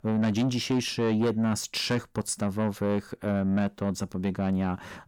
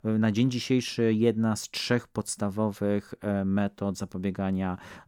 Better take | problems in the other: second | distortion; slight; 10 dB below the speech

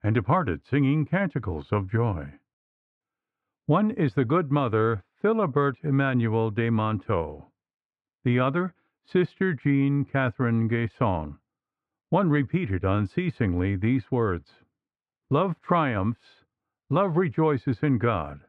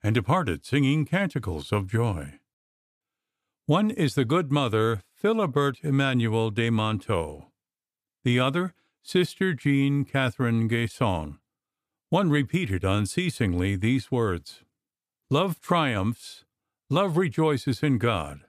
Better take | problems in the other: second | muffled; very; fading above 1.5 kHz

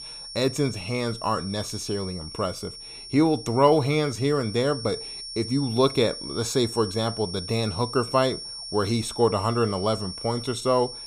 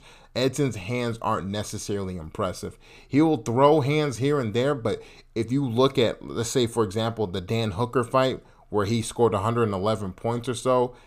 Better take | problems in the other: second | high-pitched whine; loud; throughout; 5.5 kHz, 10 dB below the speech

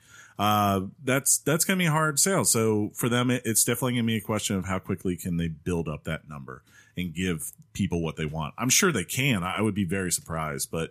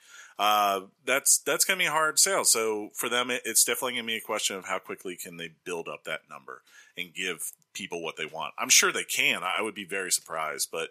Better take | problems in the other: first | thin; very; fading below 550 Hz

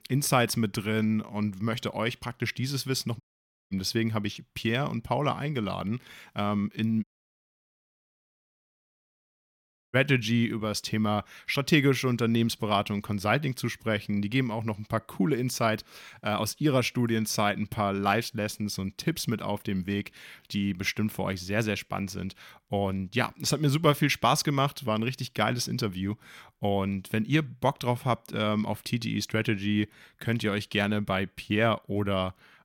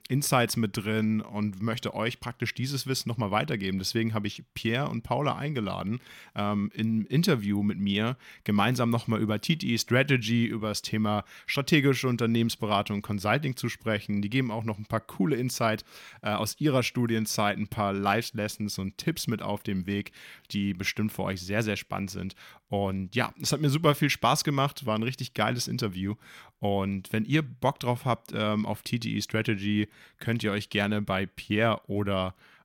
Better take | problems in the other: second | audio cutting out; at 3 s for 0.5 s and at 7 s for 3 s

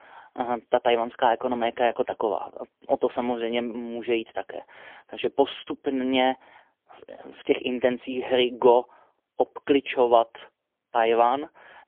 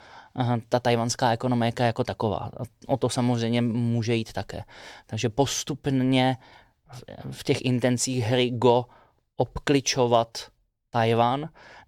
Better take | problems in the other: second | phone-call audio; poor line; nothing above 3.5 kHz

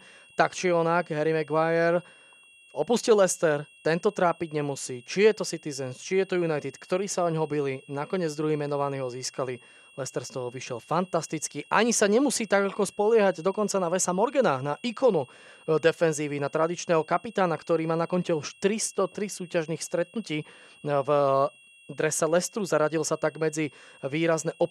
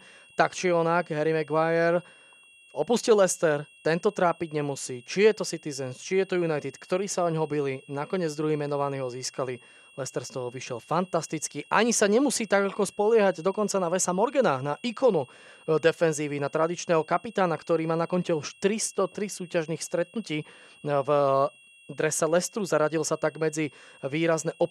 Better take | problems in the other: neither | high-pitched whine; faint; throughout; 2.5 kHz, 25 dB below the speech; the same in both

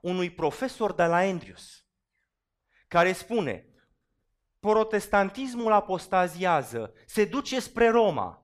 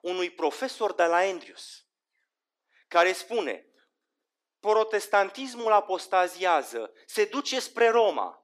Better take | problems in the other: first | thin; somewhat; fading below 300 Hz

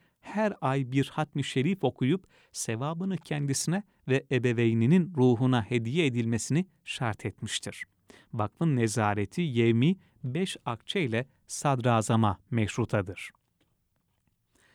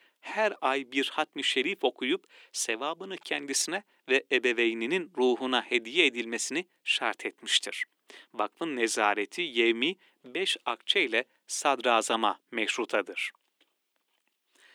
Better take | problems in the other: first | thin; somewhat; fading below 300 Hz

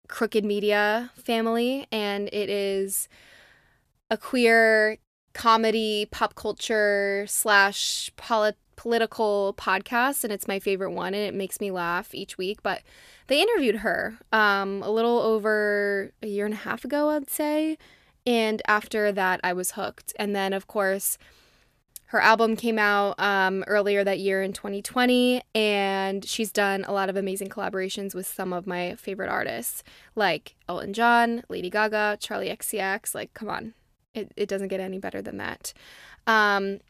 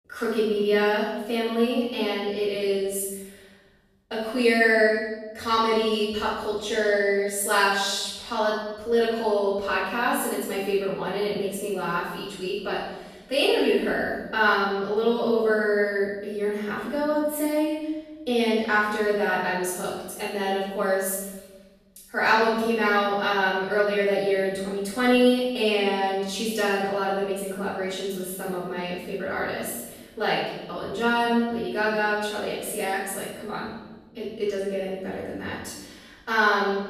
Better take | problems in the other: first | room echo; strong; dies away in 1.1 s // off-mic speech; far

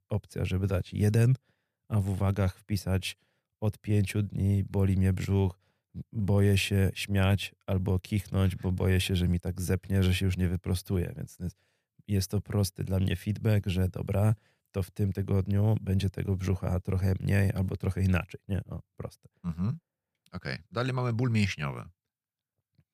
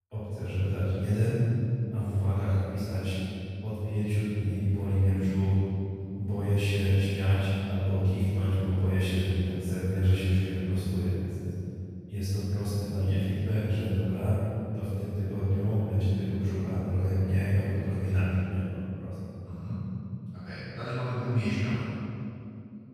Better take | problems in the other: first | off-mic speech; far // room echo; strong; dies away in 2.6 s

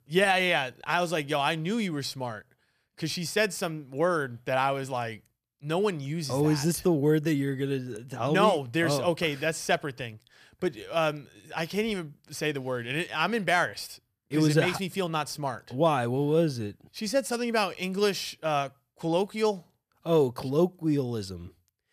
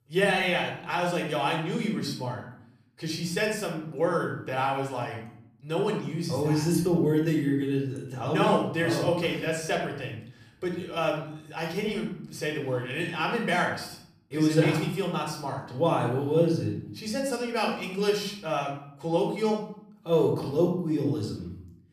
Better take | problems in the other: first | off-mic speech; somewhat distant // room echo; noticeable; dies away in 0.6 s

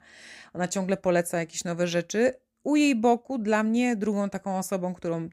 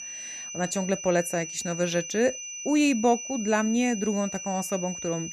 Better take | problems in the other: first | high-pitched whine; loud; throughout; 6 kHz, 8 dB below the speech

